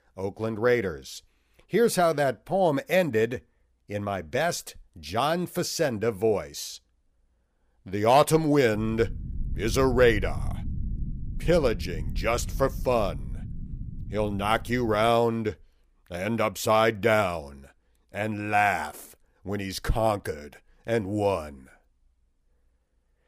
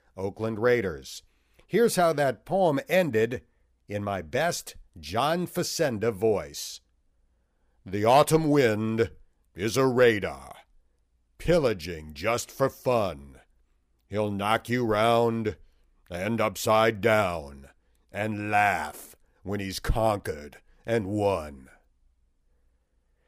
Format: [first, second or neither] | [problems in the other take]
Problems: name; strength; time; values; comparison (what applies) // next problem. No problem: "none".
second | low rumble; faint; from 8.5 to 15 s; 25 dB below the speech